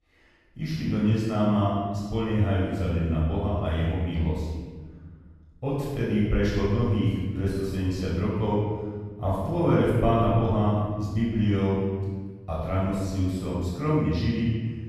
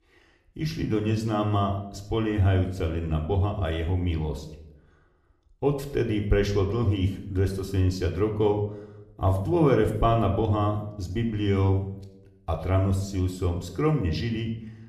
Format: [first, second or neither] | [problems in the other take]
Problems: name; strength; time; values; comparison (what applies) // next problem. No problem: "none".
second | room echo; strong; dies away in 1.4 s; slight in the second // off-mic speech; far; somewhat distant in the second